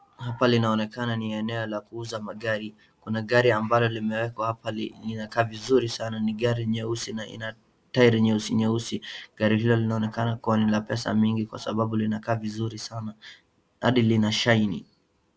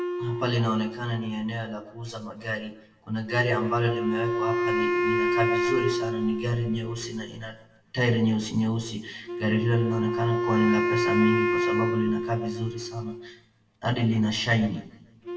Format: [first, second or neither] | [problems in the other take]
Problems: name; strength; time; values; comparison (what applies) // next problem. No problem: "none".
first | background sound (Wind instrument, woodwind instrument); 2 dB below the speech // room echo; dies away in 0.6 s